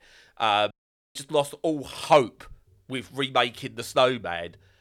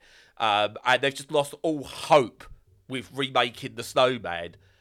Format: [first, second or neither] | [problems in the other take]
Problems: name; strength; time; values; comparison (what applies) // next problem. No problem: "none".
second | audio cutting out; at 0.5 s